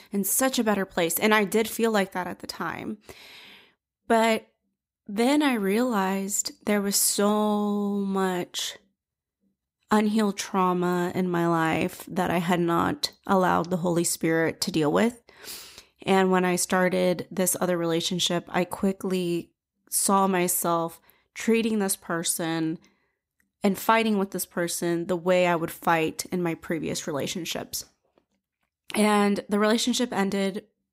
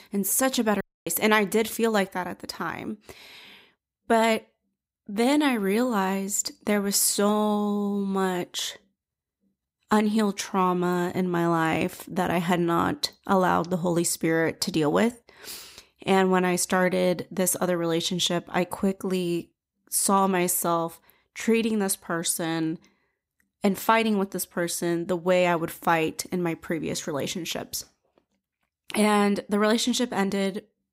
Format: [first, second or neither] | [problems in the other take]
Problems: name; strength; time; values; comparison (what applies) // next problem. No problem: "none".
first | audio cutting out; at 1 s